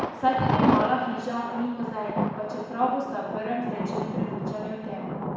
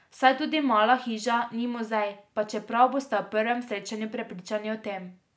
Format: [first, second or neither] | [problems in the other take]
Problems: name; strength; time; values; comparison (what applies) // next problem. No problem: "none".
second | background sound (Thunder); as loud as the speech // room echo; dies away in 1.1 s